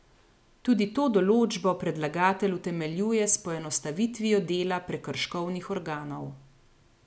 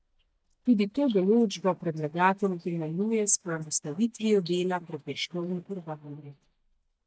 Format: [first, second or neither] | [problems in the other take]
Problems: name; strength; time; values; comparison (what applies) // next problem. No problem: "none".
first | noise reduction (neural mask model DeepFilterNet 3)